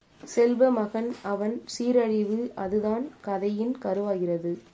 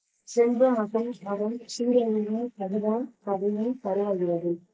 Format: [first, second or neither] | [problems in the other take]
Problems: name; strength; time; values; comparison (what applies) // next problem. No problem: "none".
first | noise reduction (neural mask model Resemble Enhance denoiser)